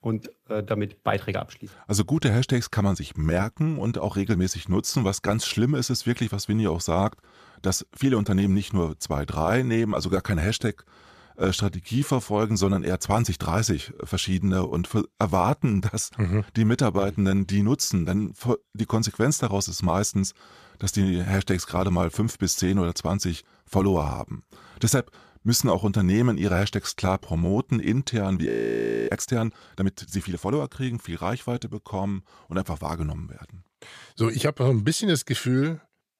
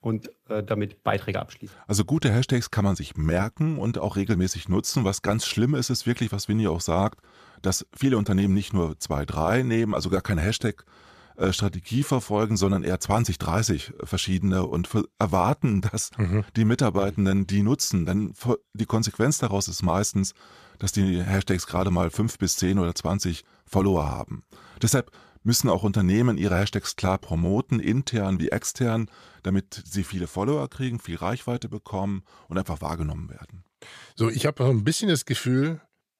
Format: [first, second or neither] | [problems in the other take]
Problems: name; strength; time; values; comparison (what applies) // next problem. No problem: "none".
second | audio freezing; at 28 s for 0.5 s